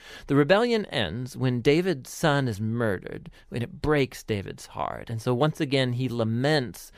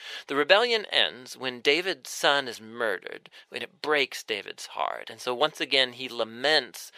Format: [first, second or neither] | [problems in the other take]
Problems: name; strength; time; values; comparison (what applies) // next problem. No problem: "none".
first | thin; very; fading below 550 Hz